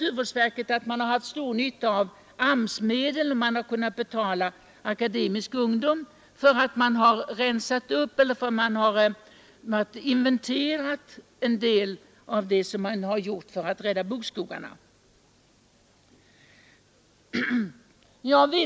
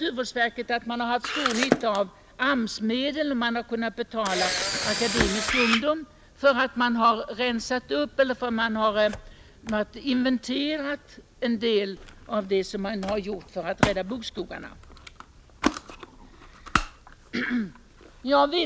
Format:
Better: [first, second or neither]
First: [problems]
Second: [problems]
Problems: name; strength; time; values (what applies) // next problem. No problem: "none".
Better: first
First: none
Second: background sound (Camera); 6 dB below the speech